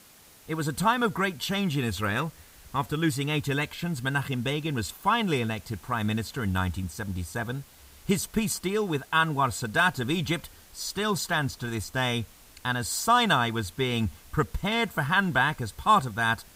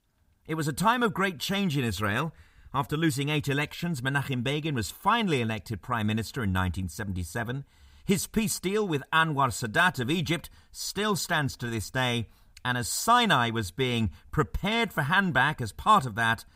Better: second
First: hiss; faint; throughout; 25 dB below the speech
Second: none

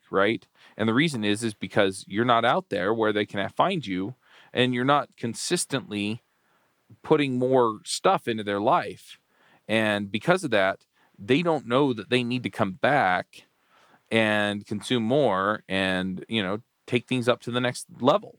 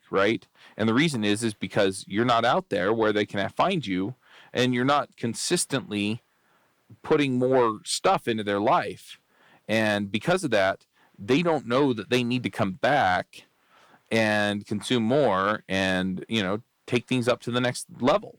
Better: first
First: none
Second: distortion; slight; 10 dB below the speech

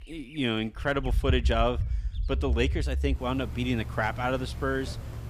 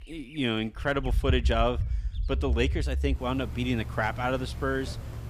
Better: neither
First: animal sounds; loud; throughout; 3 dB below the speech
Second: animal sounds; loud; throughout; 3 dB below the speech

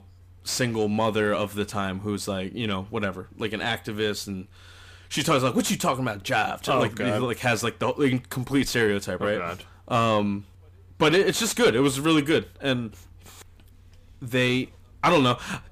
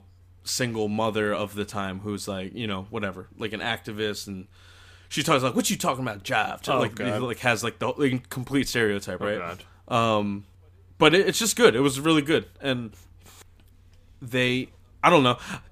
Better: second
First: distortion; slight; 10 dB below the speech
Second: none

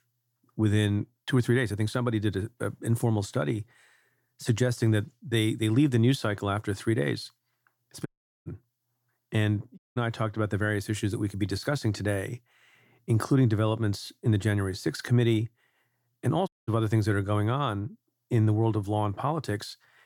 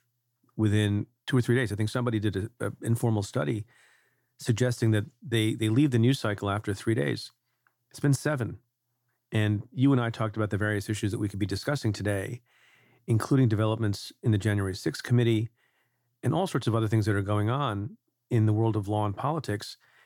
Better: second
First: audio cutting out; at 8 s, at 10 s and at 16 s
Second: none

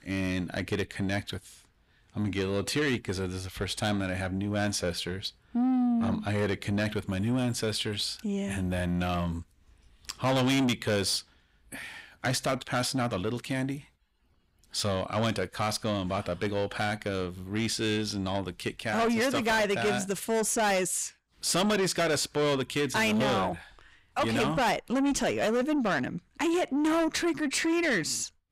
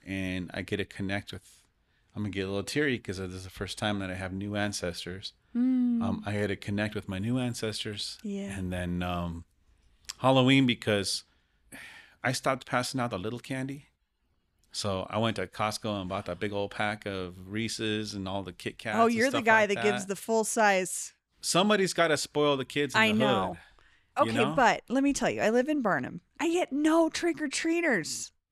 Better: second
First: distortion; heavy; 7 dB below the speech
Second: none

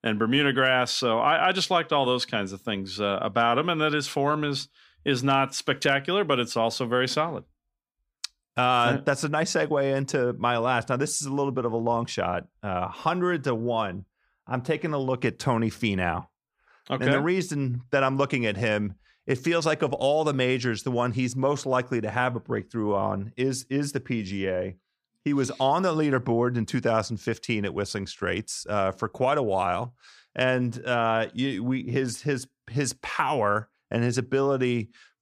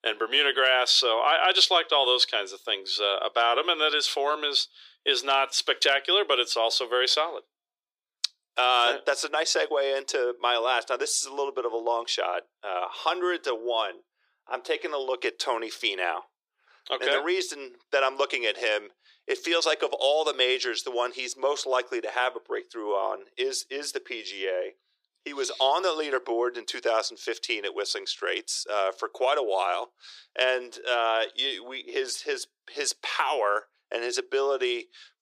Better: first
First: none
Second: thin; very; fading below 350 Hz

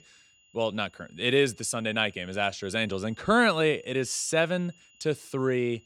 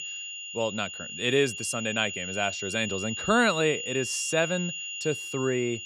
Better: first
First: high-pitched whine; faint; throughout; 3 kHz, 30 dB below the speech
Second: high-pitched whine; loud; throughout; 3 kHz, 6 dB below the speech

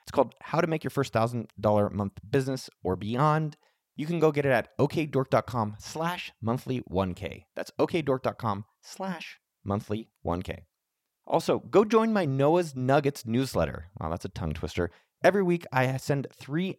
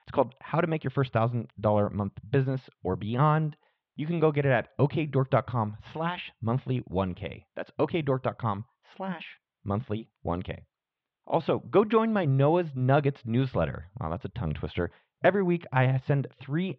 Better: first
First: none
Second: muffled; very; fading above 3.5 kHz

